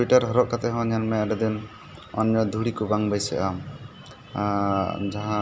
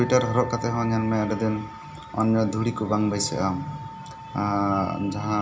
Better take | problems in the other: first | background sound (Wind instrument, woodwind instrument); 15 dB below the speech // room echo; dies away in 0.4 s

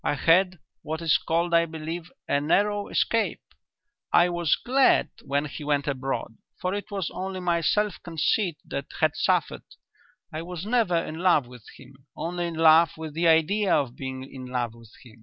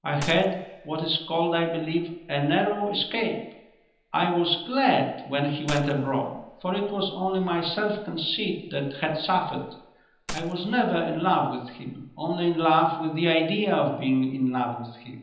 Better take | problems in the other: first | background sound (Gunshot, gunfire); 19 dB below the speech // room echo; dies away in 0.9 s

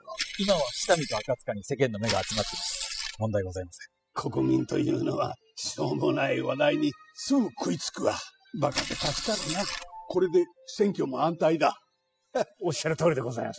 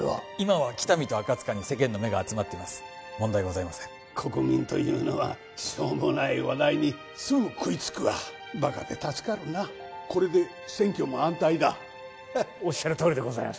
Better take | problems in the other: second | noise reduction (classical method spectral subtraction)

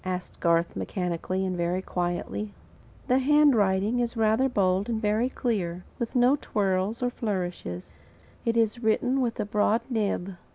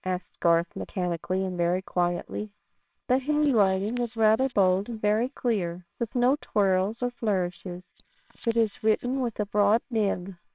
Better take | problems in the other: first | noise reduction (neural separator model SepFormer WHAMR!)

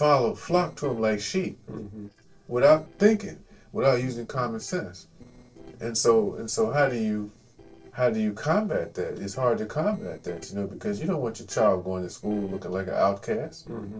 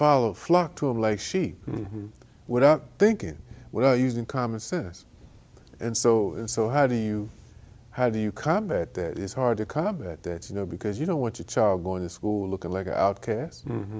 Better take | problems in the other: second | noise reduction (neural separator model SepFormer DNS4)

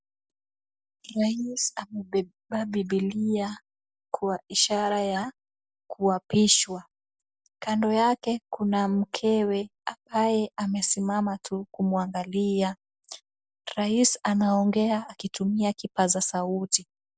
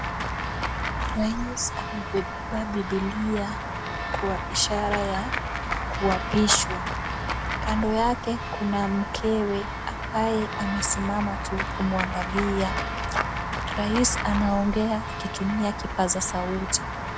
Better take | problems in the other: first | background sound (Walk, footsteps / Run / Bell); 2 dB below the speech

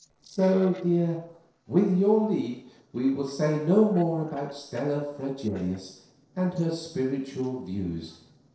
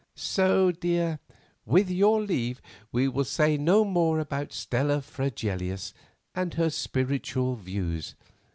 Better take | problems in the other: second | noise reduction (neural separator model SepFormer DNS4)

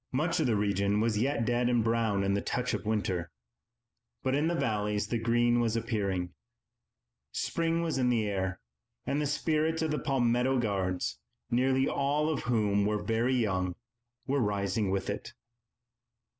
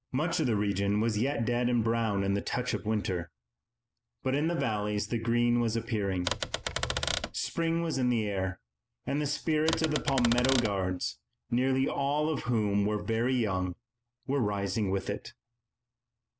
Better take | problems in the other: first | background sound (Typewriter); 4 dB below the speech

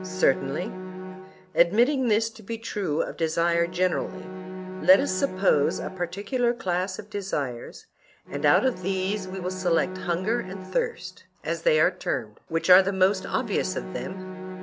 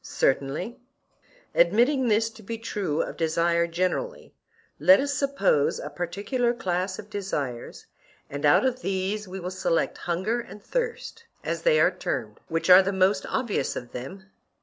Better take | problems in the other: second | background sound (Bowed string instrument); 12 dB below the speech

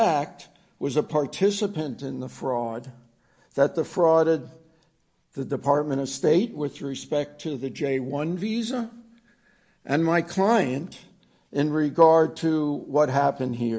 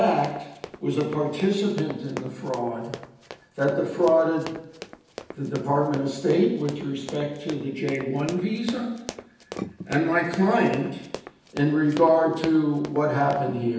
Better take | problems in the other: first | background sound (Run); 16 dB below the speech // room echo; dies away in 0.9 s

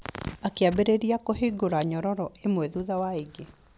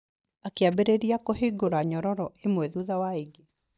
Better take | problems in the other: first | noise reduction (neural mask model DeepFilterNet 3)

